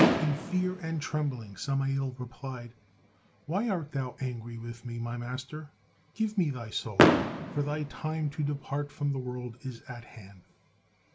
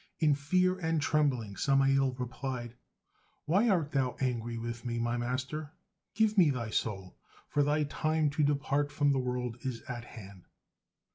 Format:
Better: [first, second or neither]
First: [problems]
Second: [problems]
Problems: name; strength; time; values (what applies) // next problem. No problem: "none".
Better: second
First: background sound (Fireworks); 1 dB below the speech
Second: none